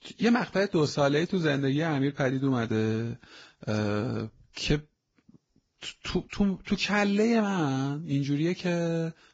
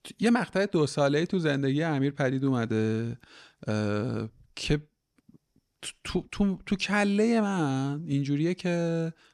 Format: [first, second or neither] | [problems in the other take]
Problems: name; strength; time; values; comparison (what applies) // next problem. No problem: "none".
second | garbled, watery; badly; nothing above 7.5 kHz